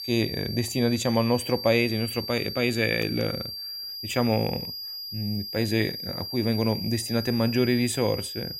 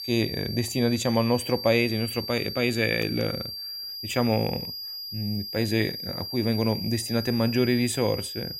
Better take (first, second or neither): neither